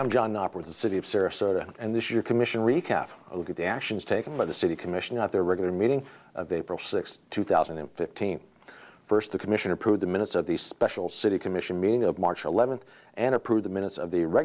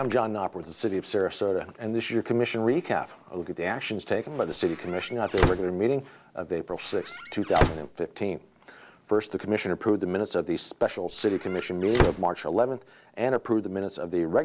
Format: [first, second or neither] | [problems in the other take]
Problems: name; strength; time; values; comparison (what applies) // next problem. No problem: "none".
first | background sound (Squeak / Slam / Wood); 2 dB below the speech